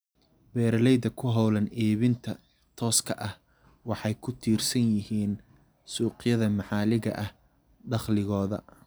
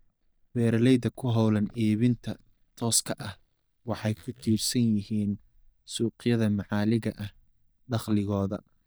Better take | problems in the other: first | noise reduction (neural mask model DeepFilterNet 3)

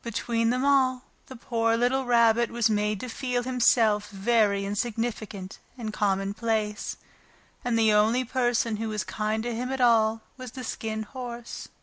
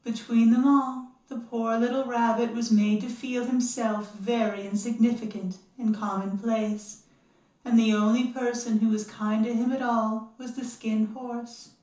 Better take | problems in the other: first | room echo; dies away in 0.9 s

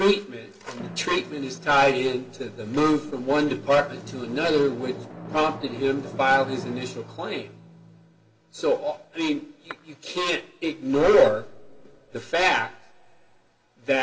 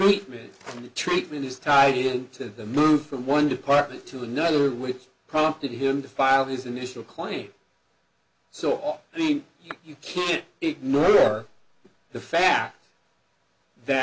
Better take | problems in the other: second | background sound (Drum); 18 dB below the speech // room echo; dies away in 1 s

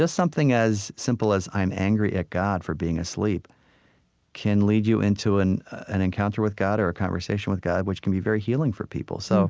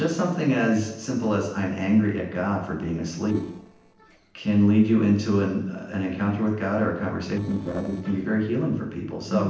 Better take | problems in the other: first | noise reduction (neural separator model SepFormer DNS4)

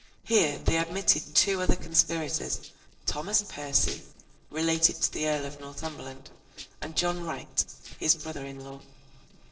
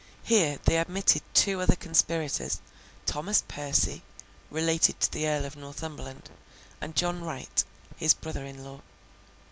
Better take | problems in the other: second | noise reduction (neural separator model SepFormer DNS4)

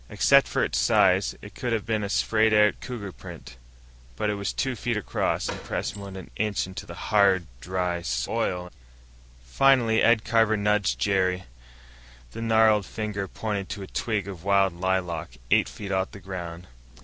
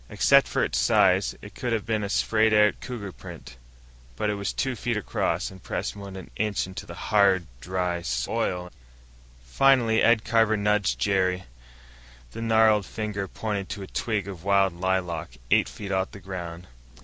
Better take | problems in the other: second | background sound (Door); 12 dB below the speech

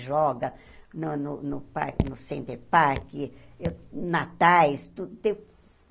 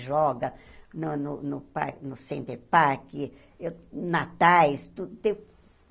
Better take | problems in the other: second | background sound (Raindrop / Drip); 9 dB below the speech

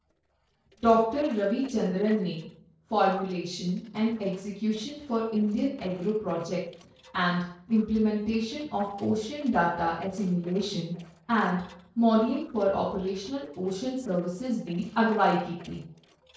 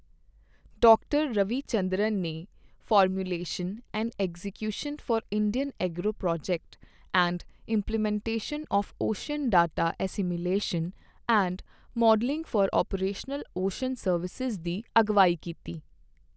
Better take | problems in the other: second | noise reduction (neural separator model SepFormer DNS4)

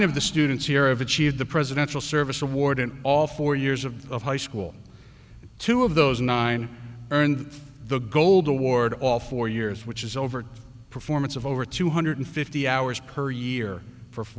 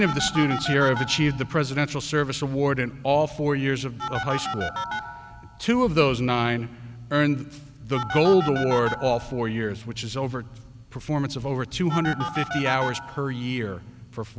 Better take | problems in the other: first | background sound (Telephone); 10 dB below the speech

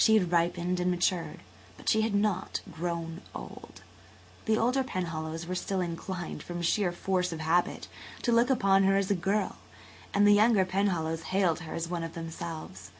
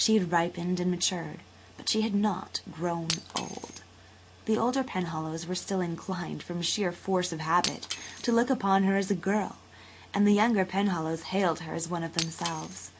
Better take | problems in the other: first | background sound (Shatter); 15 dB below the speech

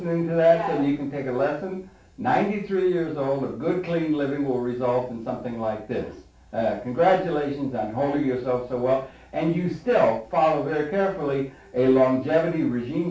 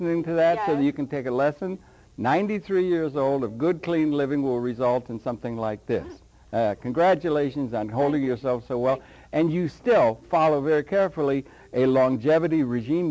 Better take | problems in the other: second | room echo; dies away in 0.3 s

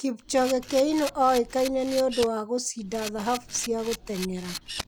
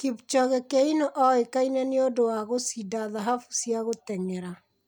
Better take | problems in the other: second | background sound (Camera); 12 dB below the speech

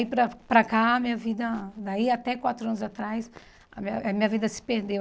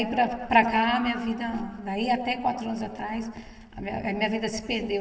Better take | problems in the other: first | room echo; dies away in 1.9 s

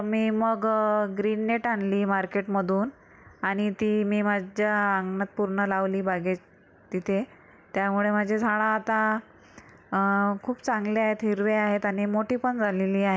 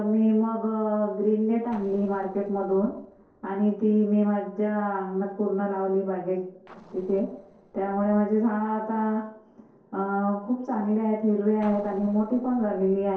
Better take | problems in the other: first | noise reduction (neural separator model SepFormer DNS4)

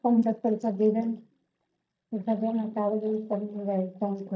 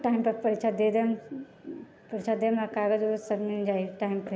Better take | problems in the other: second | noise reduction (neural mask model DeepFilterNet 3)

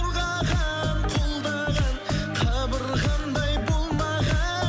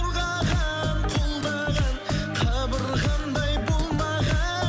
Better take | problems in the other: first | background sound (Fart); 17 dB below the speech

